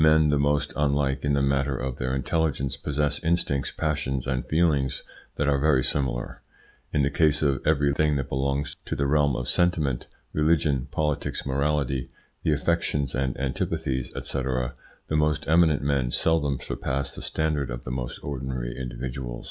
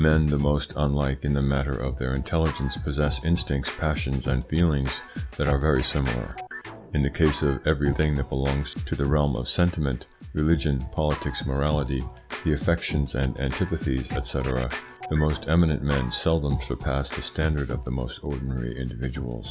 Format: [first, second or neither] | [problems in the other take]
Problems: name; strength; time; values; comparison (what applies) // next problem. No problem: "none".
first | background sound (Scratching (performance technique)); 11 dB below the speech